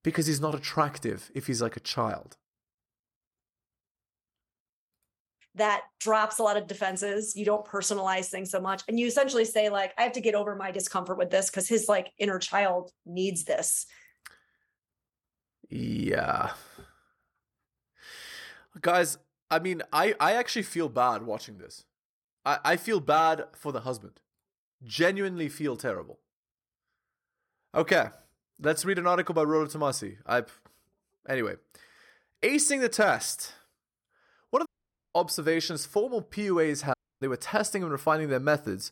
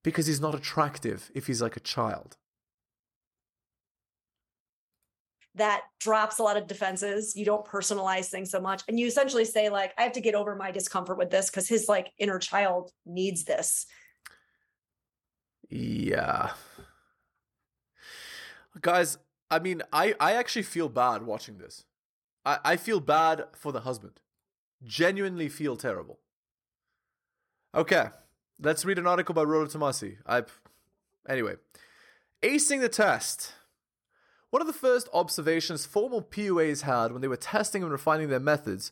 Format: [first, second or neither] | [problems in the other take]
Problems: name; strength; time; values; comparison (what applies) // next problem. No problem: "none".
second | audio cutting out; at 35 s and at 37 s